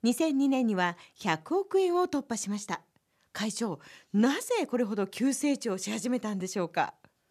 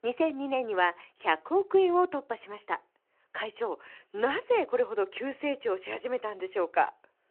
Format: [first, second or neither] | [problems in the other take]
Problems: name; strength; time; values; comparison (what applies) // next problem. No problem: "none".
first | phone-call audio